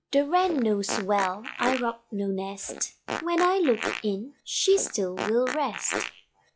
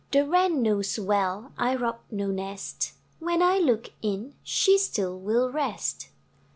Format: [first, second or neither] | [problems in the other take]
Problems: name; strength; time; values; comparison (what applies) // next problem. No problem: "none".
second | noise reduction (classical method log-MMSE)